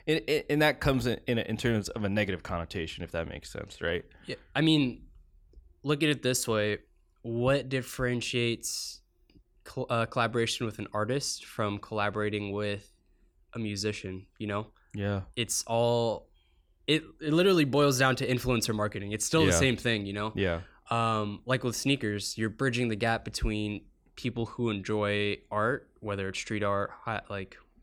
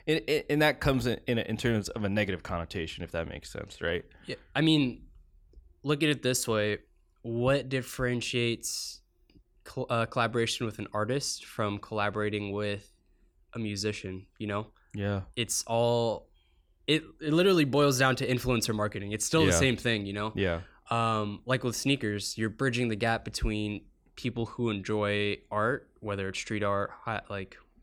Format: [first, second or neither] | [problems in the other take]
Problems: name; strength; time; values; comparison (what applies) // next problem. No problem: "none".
neither | none